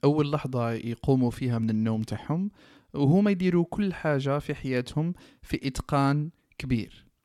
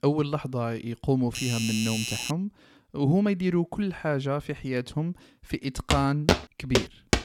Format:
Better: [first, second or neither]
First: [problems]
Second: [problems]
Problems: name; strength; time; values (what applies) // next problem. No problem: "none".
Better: first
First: none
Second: doorbell; noticeable; from 1.5 to 2.5 s; peak 1 dB below the speech // footsteps; loud; from 6 s on; peak 3 dB above the speech